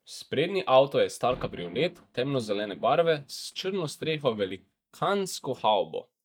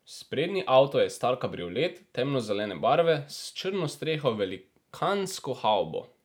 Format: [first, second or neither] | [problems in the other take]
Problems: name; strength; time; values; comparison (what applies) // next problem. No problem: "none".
second | noise reduction (neural mask model DeepFilterNet 3)